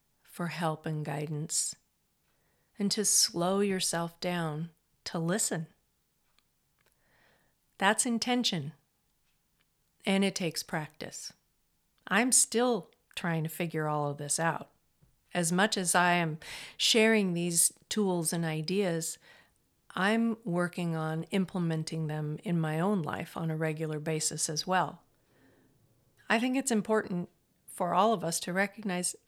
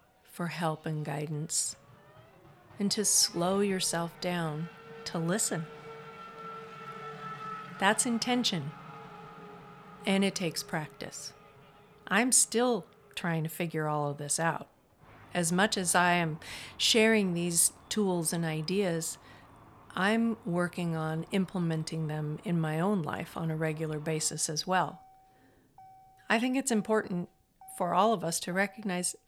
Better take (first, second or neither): first